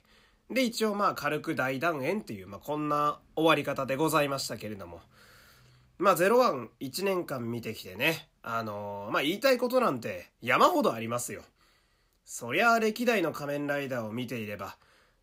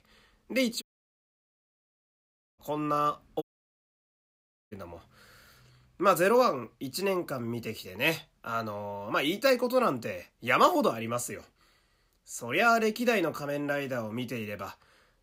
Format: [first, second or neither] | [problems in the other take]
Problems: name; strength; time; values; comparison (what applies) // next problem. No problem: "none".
first | audio cutting out; at 1 s for 2 s and at 3.5 s for 1.5 s